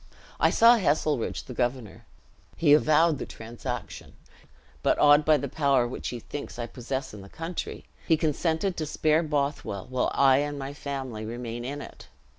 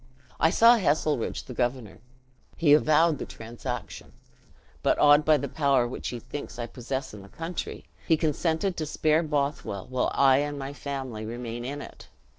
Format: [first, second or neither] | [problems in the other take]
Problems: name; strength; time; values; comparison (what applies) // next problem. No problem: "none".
first | noise reduction (neural separator model SepFormer DNS4)